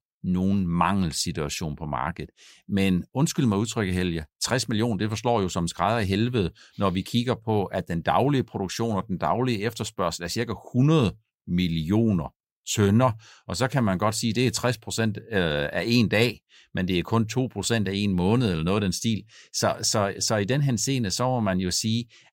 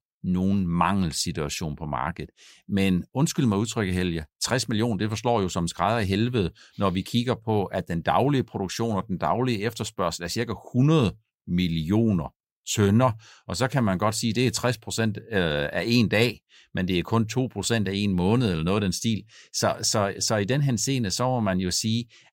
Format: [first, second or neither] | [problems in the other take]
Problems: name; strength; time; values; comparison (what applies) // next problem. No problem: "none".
neither | none